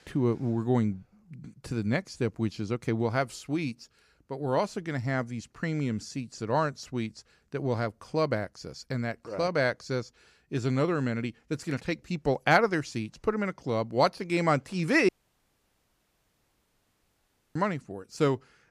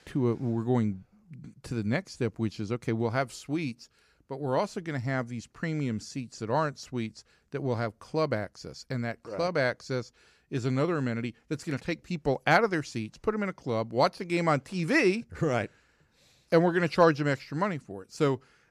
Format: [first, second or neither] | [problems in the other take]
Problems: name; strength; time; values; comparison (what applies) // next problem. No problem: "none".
second | audio cutting out; at 15 s for 2.5 s